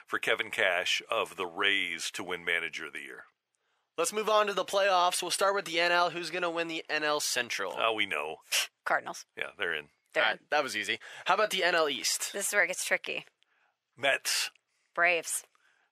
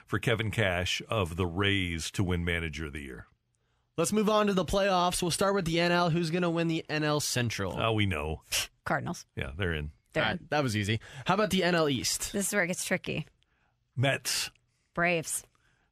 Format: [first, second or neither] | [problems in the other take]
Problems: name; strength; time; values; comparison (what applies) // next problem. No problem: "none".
second | thin; very; fading below 550 Hz